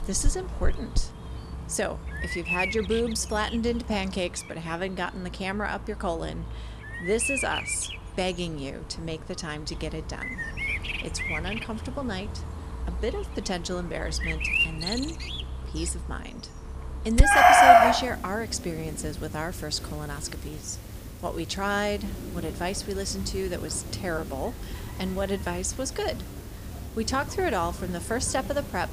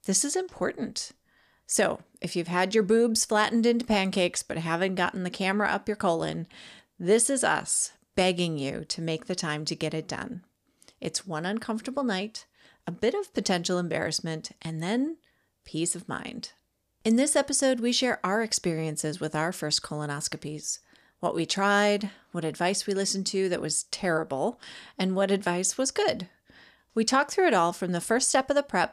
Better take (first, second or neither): second